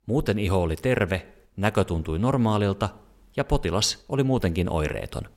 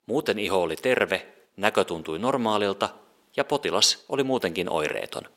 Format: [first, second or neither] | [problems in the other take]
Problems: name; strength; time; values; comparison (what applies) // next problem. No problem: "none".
first | thin; somewhat; fading below 350 Hz